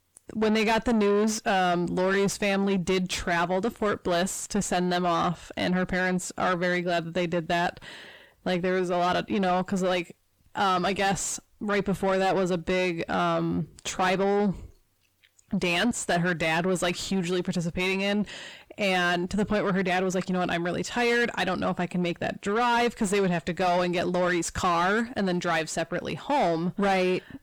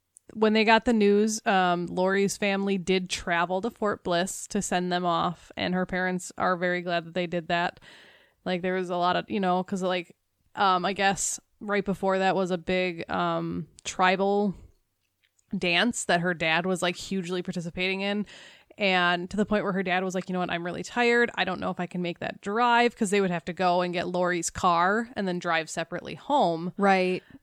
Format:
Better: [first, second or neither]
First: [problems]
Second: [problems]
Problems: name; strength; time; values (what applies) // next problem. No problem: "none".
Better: second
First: distortion; heavy; 7 dB below the speech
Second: none